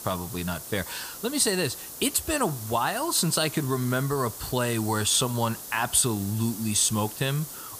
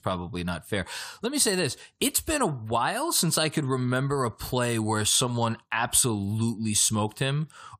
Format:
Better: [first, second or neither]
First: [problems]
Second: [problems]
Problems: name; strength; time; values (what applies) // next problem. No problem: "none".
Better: second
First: hiss; noticeable; throughout; 10 dB below the speech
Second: none